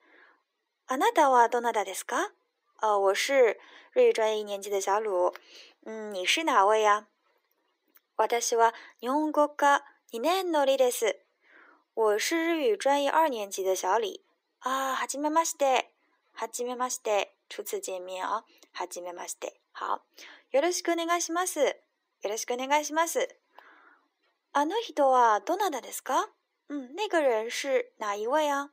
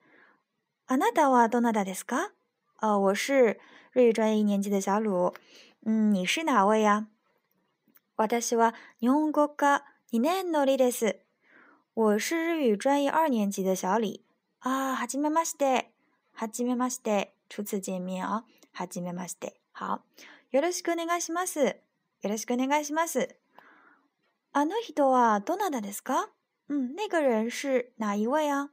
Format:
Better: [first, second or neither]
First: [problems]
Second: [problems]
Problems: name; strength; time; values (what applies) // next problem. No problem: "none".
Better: second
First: thin; somewhat; fading below 350 Hz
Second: none